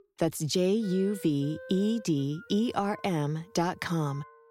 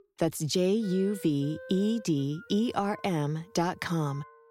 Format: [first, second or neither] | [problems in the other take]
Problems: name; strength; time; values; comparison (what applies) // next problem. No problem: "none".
neither | background music; noticeable; throughout; 20 dB below the speech; the same in both